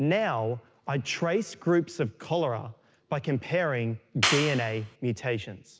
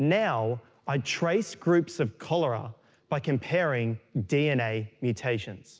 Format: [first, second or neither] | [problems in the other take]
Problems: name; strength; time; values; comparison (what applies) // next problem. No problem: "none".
second | background sound (Clapping); as loud as the speech